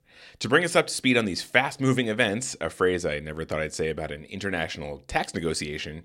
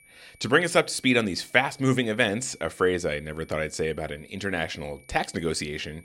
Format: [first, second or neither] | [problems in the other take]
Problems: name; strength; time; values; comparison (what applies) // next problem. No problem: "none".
first | high-pitched whine; faint; throughout; 2.5 kHz, 30 dB below the speech